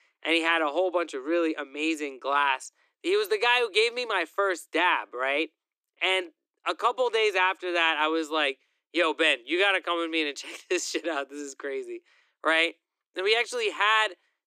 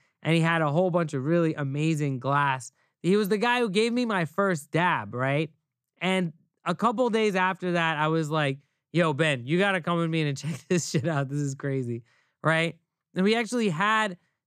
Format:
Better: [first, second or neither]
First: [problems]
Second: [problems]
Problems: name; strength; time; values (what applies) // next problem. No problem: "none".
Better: second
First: thin; very; fading below 300 Hz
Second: none